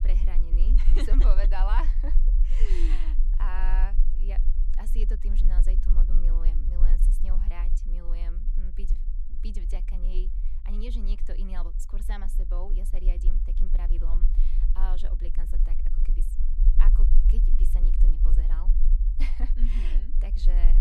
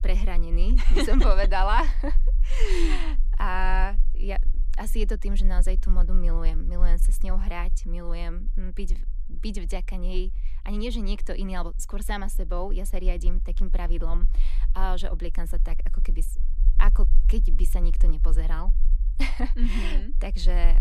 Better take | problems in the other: second | low rumble; loud; throughout; 9 dB below the speech; faint in the second

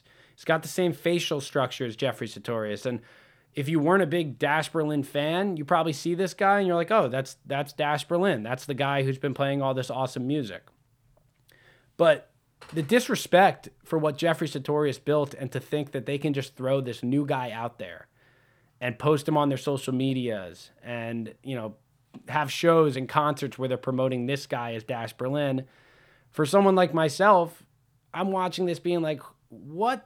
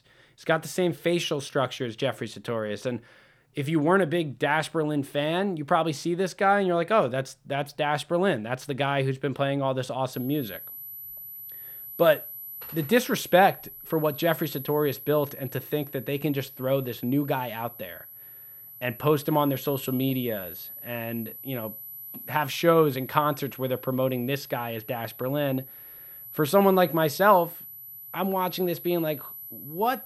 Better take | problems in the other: first | high-pitched whine; noticeable; from 10 s on; 12 kHz, 15 dB below the speech

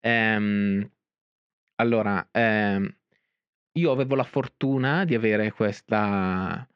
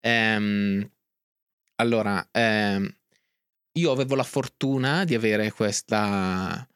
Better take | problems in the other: second | muffled; very; fading above 3 kHz

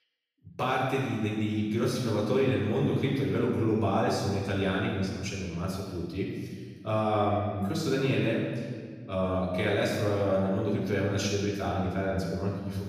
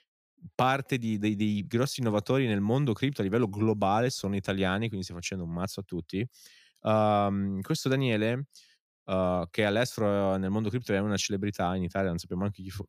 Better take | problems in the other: second | room echo; strong; dies away in 1.5 s // off-mic speech; far

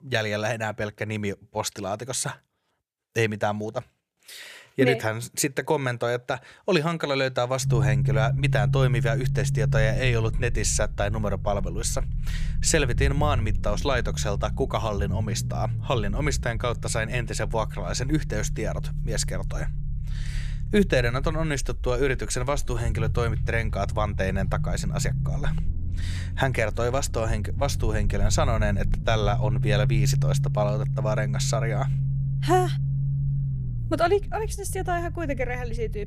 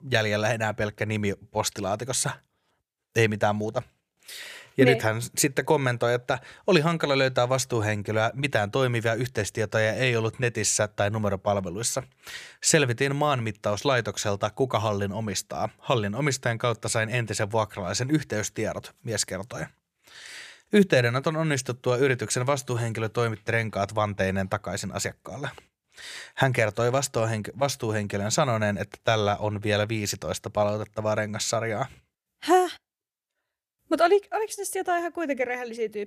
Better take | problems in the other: second | low rumble; noticeable; from 7.5 s on; 15 dB below the speech

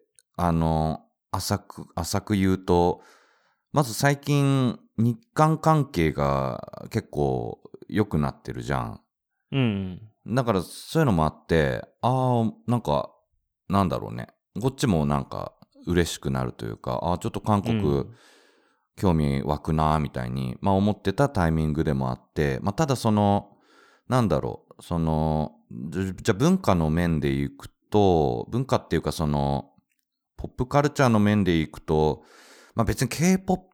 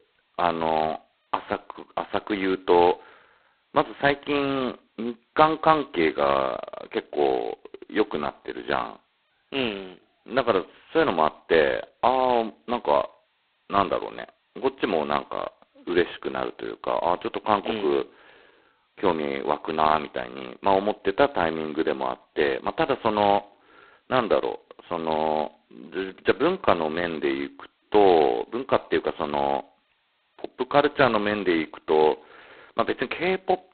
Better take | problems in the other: first | phone-call audio; poor line; nothing above 4 kHz

